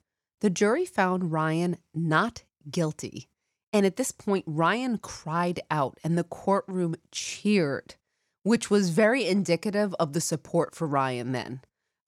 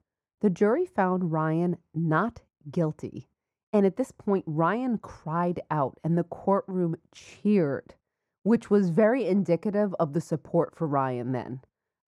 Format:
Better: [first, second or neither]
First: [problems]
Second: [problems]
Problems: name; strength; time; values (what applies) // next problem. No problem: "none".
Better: first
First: none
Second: muffled; very; fading above 2 kHz